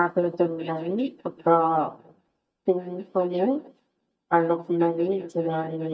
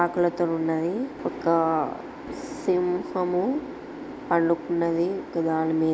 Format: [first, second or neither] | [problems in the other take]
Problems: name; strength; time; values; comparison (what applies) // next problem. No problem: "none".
second | noise reduction (neural mask model DeepFilterNet 3)